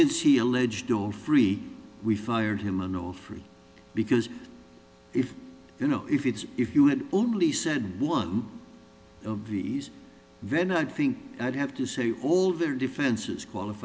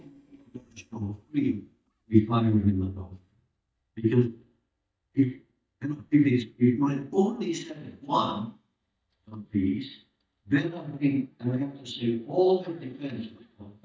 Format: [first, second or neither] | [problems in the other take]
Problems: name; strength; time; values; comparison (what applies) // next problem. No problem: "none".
first | noise reduction (neural mask model DeepFilterNet 3)